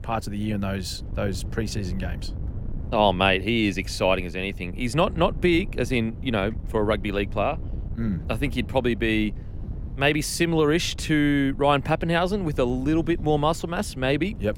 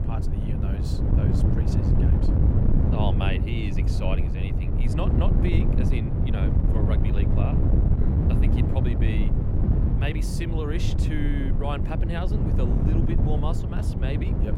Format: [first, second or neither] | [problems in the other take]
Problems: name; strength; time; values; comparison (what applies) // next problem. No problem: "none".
first | wind noise on the microphone; heavy; 1 dB above the speech; occasional gusts in the first